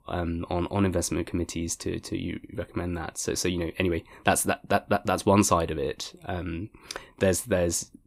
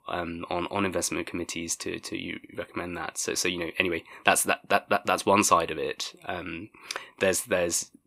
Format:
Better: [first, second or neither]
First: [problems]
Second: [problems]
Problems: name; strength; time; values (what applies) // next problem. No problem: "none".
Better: first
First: none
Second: thin; very slightly; fading below 450 Hz